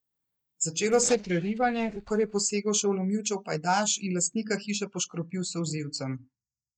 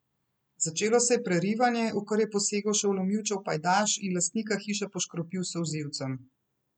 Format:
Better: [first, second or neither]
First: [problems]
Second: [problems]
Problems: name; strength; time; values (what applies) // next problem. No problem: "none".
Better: second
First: noise reduction (neural mask model DeepFilterNet 3)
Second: none